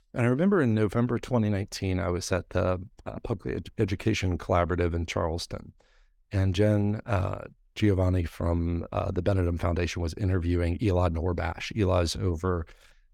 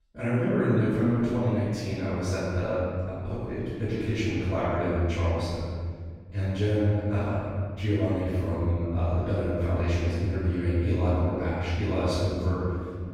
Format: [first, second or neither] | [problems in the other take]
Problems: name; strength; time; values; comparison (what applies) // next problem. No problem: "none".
first | off-mic speech; far // room echo; strong; dies away in 1.9 s